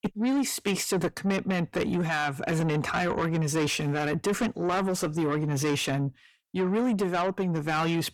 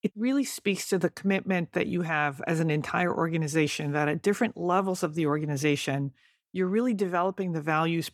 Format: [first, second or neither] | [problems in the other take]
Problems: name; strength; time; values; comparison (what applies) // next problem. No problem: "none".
second | distortion; heavy; 7 dB below the speech